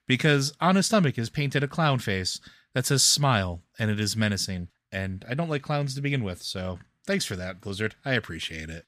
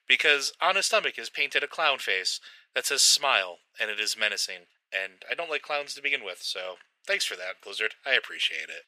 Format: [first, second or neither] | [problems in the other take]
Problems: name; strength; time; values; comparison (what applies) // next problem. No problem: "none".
first | thin; very; fading below 450 Hz